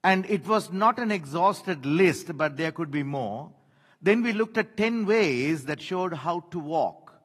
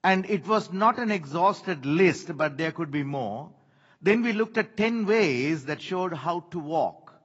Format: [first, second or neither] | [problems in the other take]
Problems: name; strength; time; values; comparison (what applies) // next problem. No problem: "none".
first | garbled, watery; badly; nothing above 7.5 kHz; slightly in the first